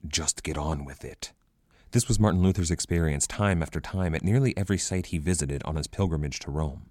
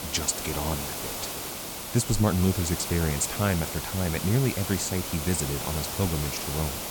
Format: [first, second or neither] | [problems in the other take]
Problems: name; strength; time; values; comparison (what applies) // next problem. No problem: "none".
first | hiss; loud; throughout; 4 dB below the speech